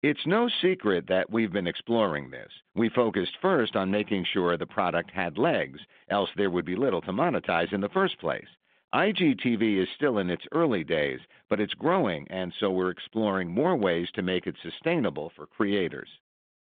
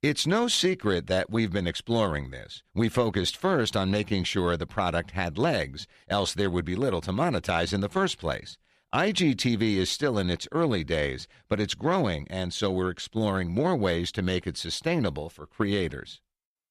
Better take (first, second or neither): second